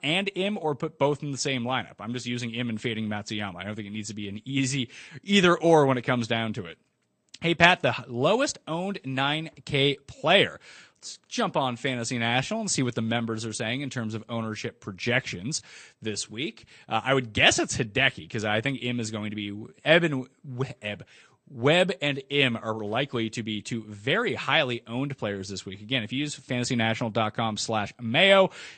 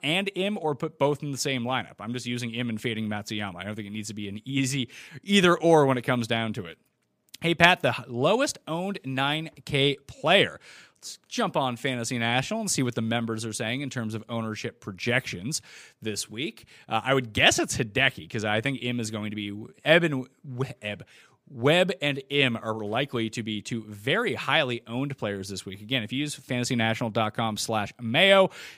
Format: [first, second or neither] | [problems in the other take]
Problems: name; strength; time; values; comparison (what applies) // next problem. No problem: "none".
second | garbled, watery; slightly; nothing above 8.5 kHz